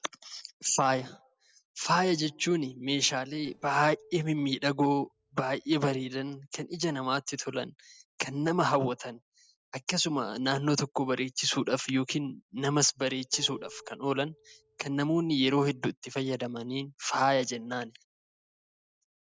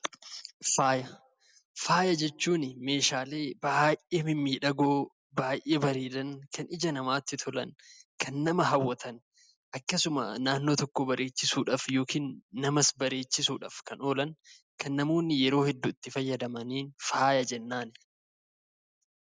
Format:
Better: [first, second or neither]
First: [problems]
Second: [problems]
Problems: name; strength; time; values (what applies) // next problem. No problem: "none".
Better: second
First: noise reduction (neural separator model SepFormer DNS4)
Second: none